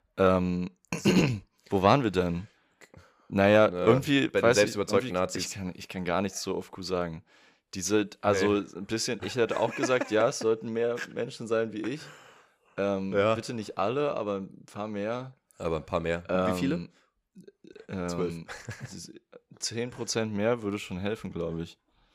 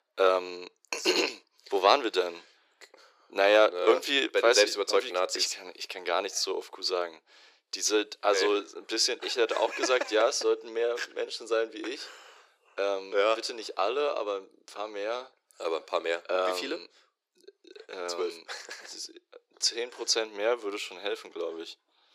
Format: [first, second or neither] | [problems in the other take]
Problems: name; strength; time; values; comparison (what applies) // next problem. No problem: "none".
first | thin; very; fading below 350 Hz